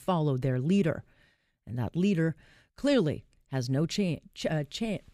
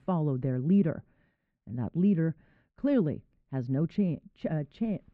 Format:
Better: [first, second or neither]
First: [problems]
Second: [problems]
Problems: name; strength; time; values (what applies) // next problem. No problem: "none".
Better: first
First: none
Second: muffled; very; fading above 1.5 kHz